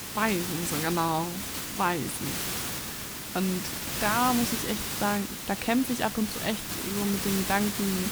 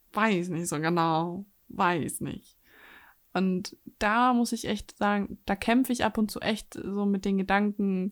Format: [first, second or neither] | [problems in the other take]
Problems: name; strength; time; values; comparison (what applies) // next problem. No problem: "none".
second | hiss; loud; throughout; 2 dB below the speech